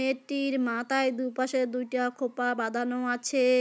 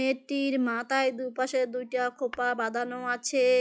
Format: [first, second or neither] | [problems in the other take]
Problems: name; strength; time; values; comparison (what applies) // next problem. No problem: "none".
first | noise reduction (classical method log-MMSE)